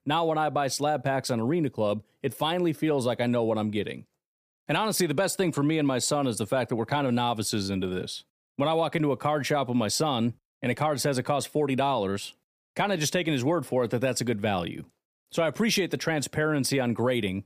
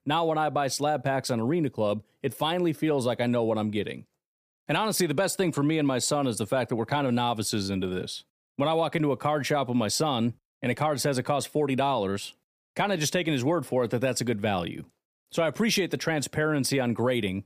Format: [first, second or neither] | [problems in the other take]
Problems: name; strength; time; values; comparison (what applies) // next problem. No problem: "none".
neither | none